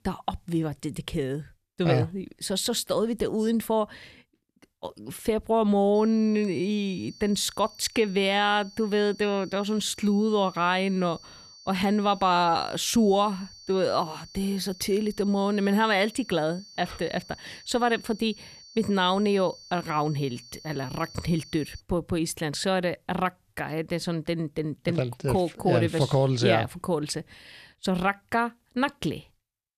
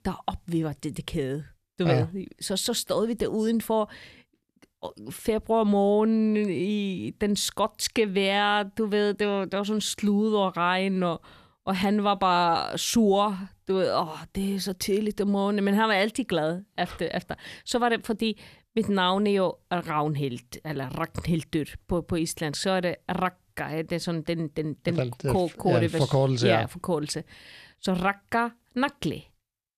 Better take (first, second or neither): second